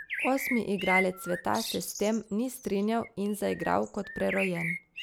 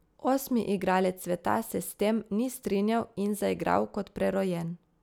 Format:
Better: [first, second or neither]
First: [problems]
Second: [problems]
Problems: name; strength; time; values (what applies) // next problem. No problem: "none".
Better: second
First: background sound (Bird); 7 dB below the speech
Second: none